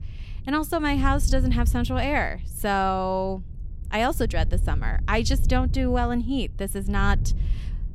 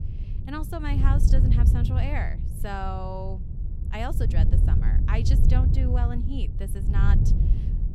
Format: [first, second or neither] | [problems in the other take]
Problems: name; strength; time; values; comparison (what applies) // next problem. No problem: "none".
first | wind noise on the microphone; heavy; 4 dB below the speech; occasional gusts in the first